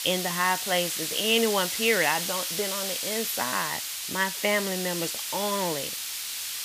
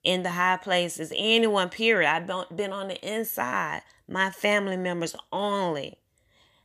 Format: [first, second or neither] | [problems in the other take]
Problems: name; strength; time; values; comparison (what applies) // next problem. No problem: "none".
second | hiss; loud; throughout; 2 dB below the speech